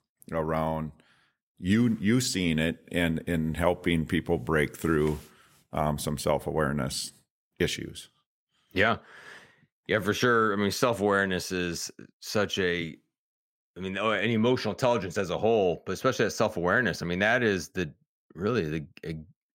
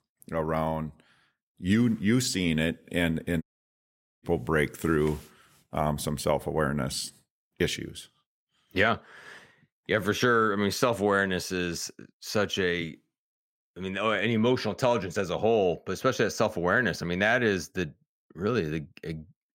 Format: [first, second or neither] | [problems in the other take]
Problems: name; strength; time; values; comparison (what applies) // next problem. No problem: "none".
first | audio cutting out; at 3.5 s for 1 s